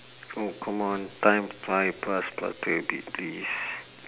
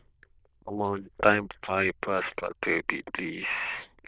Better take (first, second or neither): first